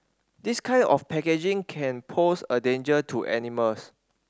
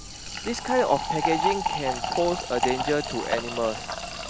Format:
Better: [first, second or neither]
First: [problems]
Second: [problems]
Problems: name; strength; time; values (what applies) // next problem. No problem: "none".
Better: first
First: none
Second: background sound (Fill (with liquid)); 1 dB below the speech